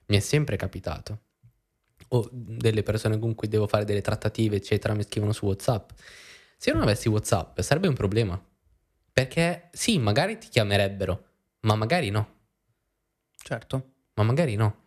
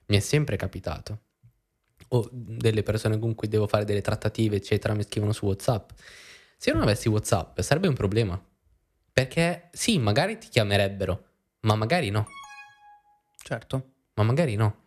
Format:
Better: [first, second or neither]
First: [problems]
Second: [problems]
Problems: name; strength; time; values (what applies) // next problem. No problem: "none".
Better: first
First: none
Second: alarm; faint; at 12 s; peak 15 dB below the speech